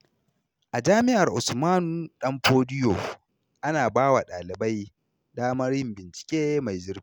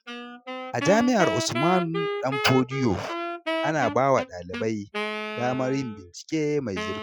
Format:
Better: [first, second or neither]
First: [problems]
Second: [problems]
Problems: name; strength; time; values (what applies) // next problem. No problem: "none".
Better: first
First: none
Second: noise reduction (classical method Wiener filter)